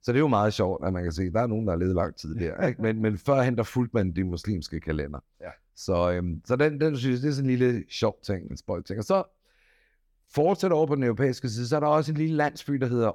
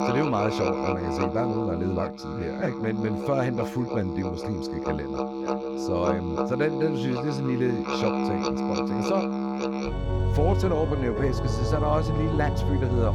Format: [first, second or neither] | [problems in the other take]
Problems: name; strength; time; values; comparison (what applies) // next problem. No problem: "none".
first | background music; very loud; throughout; as loud as the speech